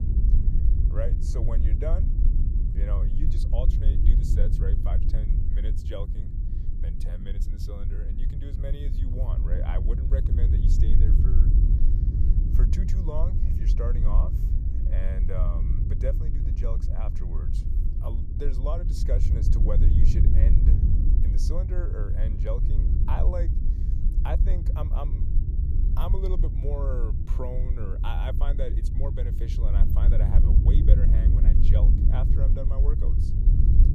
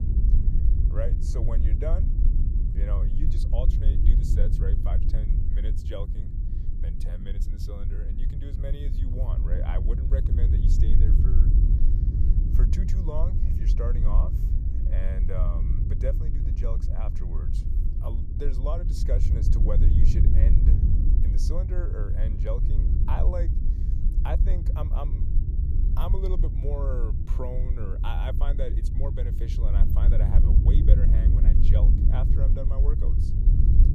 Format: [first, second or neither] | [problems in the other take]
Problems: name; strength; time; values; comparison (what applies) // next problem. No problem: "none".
neither | low rumble; loud; throughout; 3 dB below the speech; the same in both